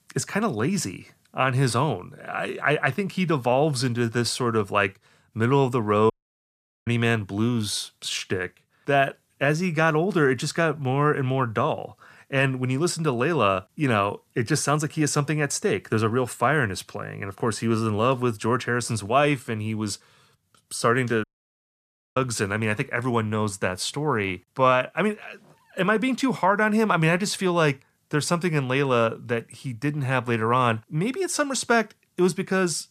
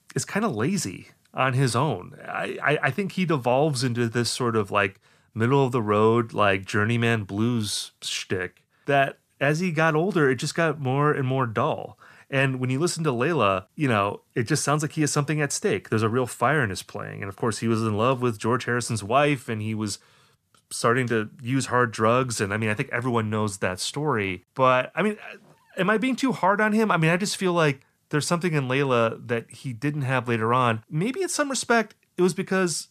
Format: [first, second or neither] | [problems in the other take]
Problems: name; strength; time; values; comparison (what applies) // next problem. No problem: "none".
second | audio cutting out; at 6 s for 1 s and at 21 s for 1 s